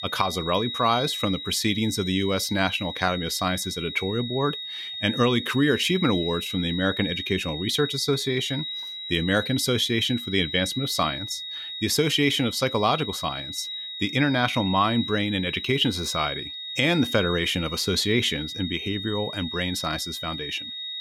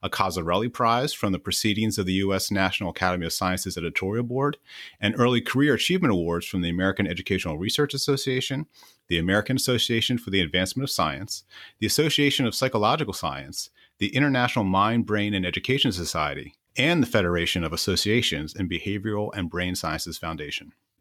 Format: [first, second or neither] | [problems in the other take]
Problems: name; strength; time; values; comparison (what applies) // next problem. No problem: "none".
second | high-pitched whine; loud; throughout; 4 kHz, 7 dB below the speech